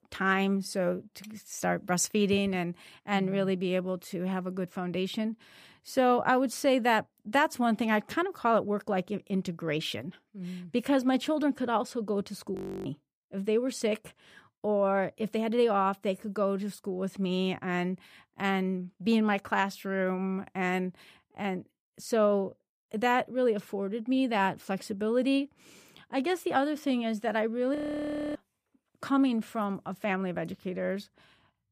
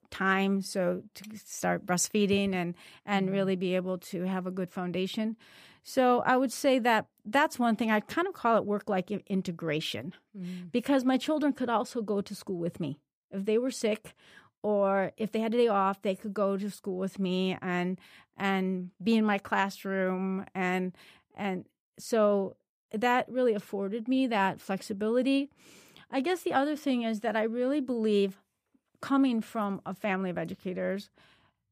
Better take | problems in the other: second | audio freezing; at 13 s and at 28 s for 0.5 s

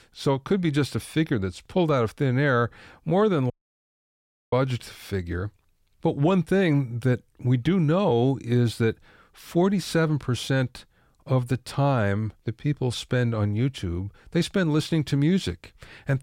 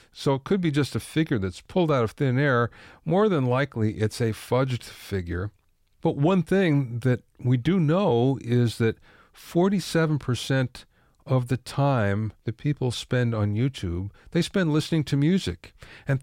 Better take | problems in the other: second | audio cutting out; at 3.5 s for 1 s

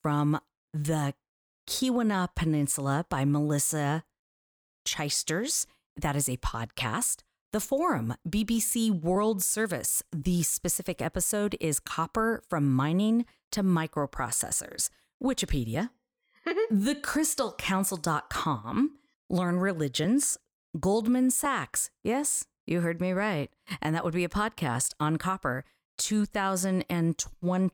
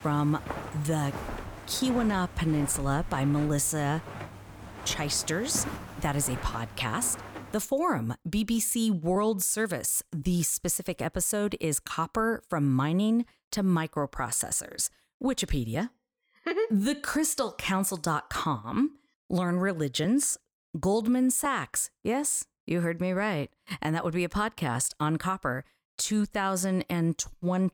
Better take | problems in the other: first | footsteps; noticeable; until 7.5 s; peak 8 dB below the speech

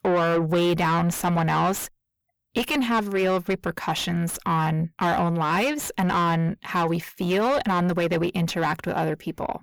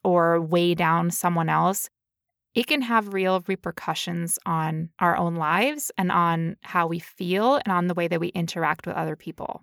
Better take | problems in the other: second | distortion; heavy; 6 dB below the speech

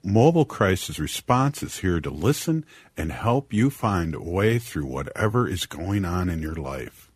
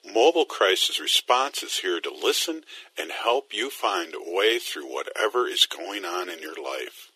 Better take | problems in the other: first | thin; very; fading below 350 Hz

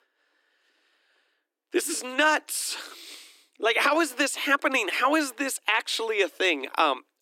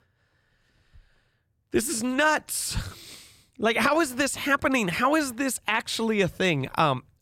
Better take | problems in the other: second | thin; very slightly; fading below 300 Hz

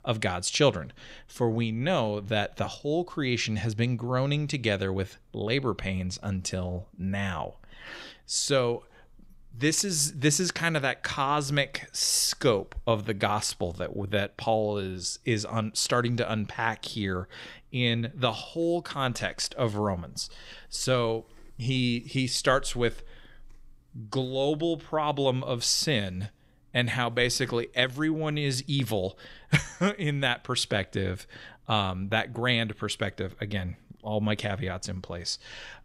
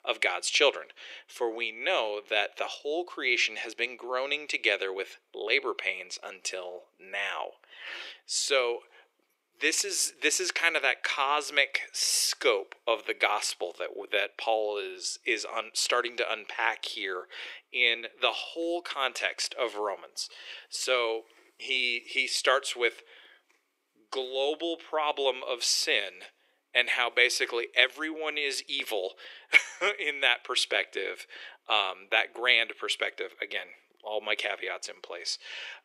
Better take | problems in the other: first | thin; very; fading below 350 Hz

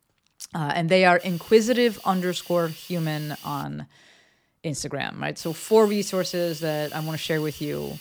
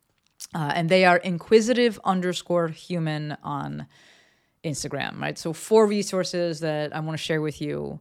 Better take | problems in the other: second | hiss; noticeable; from 1 to 3.5 s and from 5.5 s on; 15 dB below the speech

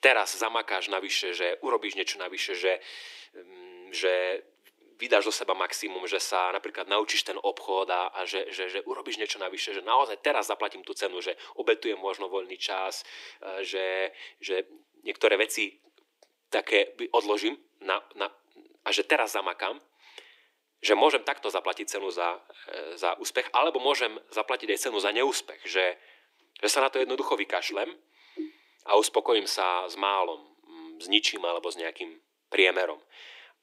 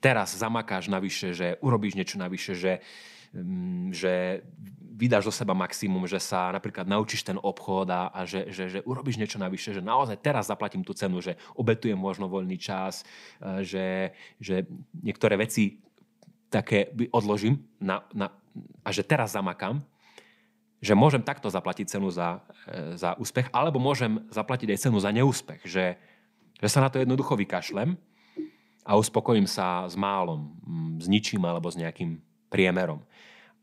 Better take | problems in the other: second | thin; very; fading below 300 Hz

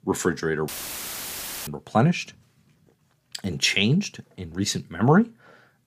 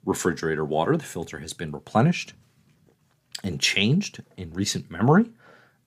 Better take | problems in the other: second | audio cutting out; filled with static; at 0.5 s for 1 s

